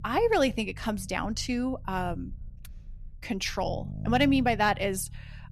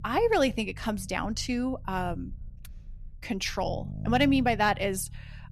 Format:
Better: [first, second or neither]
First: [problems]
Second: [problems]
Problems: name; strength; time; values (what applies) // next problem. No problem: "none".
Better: neither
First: low rumble; faint; throughout; 25 dB below the speech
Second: low rumble; faint; throughout; 25 dB below the speech